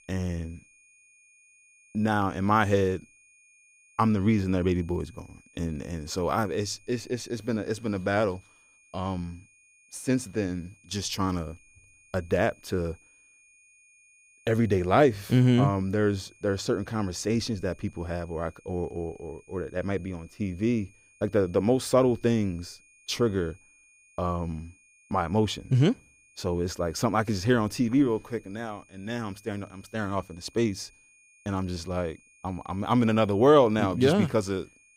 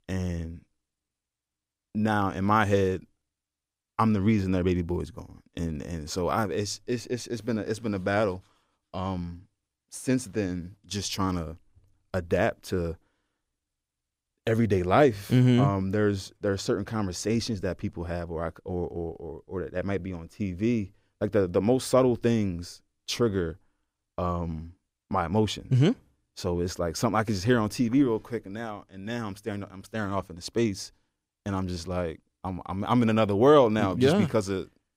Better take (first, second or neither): second